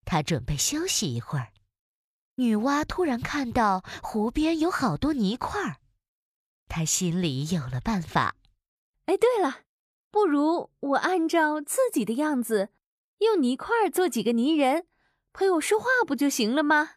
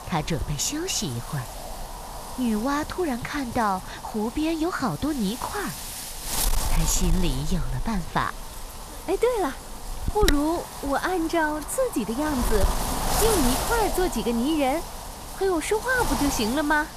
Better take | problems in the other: first | wind noise on the microphone; heavy; 6 dB below the speech

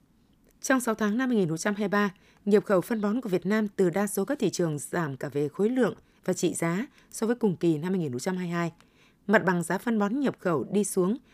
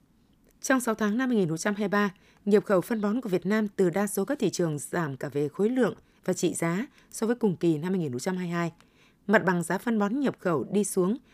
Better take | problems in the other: neither | none

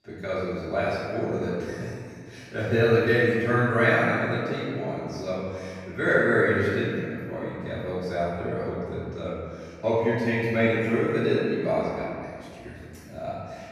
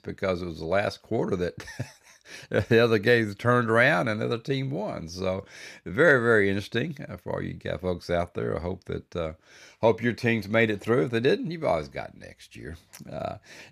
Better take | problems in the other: second | room echo; strong; dies away in 1.9 s // off-mic speech; far

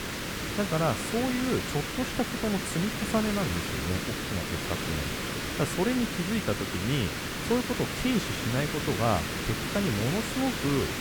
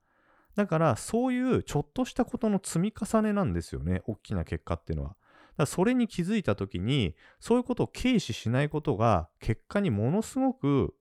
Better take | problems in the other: second | hiss; loud; throughout; 1 dB below the speech

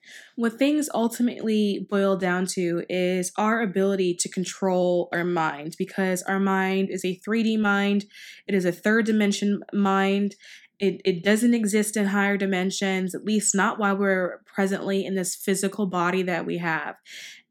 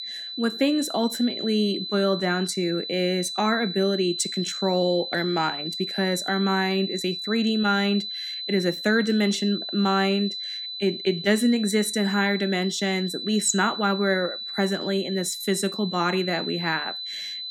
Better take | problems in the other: first | high-pitched whine; loud; throughout; 4 kHz, 6 dB below the speech

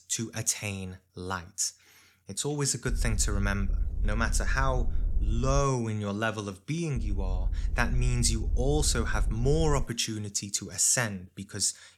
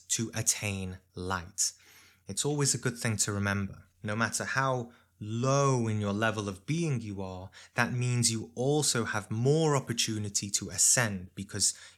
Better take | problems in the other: second | low rumble; faint; from 3 to 5.5 s and from 7 to 10 s; 20 dB below the speech

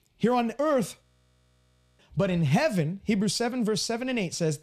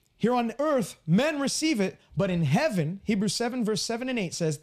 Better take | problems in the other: second | audio freezing; at 1 s for 1 s

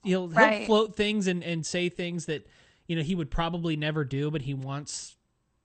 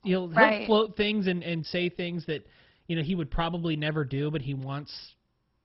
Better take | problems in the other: first | garbled, watery; badly; nothing above 5.5 kHz; slightly in the first

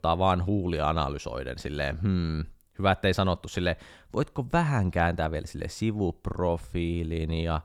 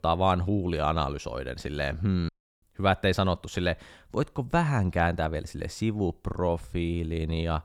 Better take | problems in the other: first | audio cutting out; at 2.5 s

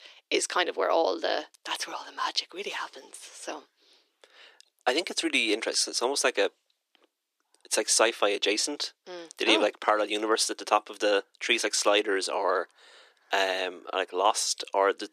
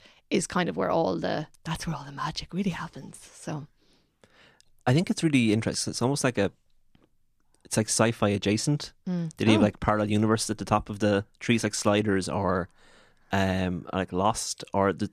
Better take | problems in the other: second | thin; very; fading below 350 Hz

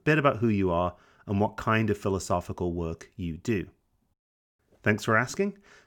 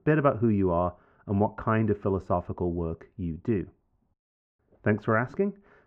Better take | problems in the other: first | muffled; very; fading above 3.5 kHz

